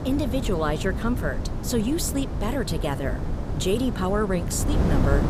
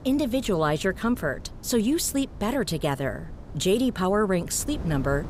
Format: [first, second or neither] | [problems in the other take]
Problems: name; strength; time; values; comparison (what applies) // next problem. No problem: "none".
second | wind noise on the microphone; heavy; 7 dB below the speech; occasional gusts in the second